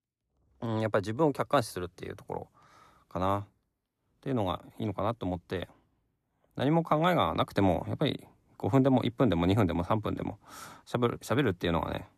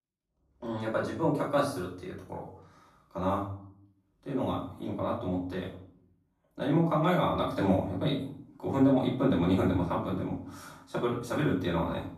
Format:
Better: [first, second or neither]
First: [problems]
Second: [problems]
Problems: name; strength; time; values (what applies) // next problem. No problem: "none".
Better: first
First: none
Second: off-mic speech; far // room echo; noticeable; dies away in 0.5 s